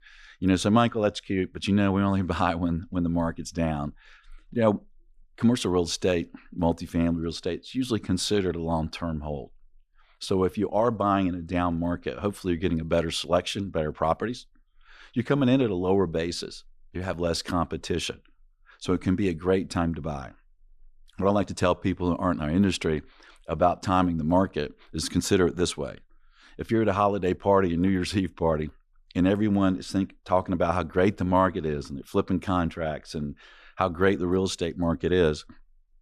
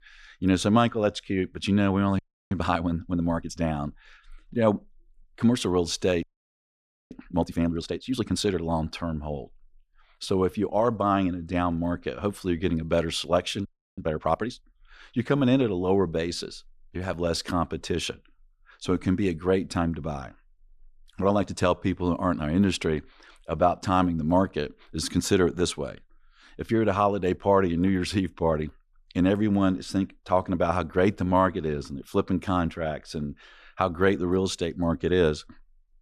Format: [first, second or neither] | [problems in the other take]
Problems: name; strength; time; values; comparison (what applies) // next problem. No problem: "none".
first | audio freezing; at 2 s, at 6 s for 1 s and at 14 s